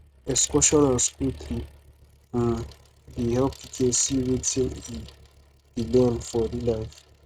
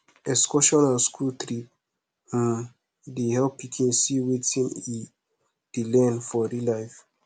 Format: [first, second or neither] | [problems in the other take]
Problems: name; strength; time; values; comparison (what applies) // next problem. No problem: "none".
second | noise reduction (neural mask model RNNoise)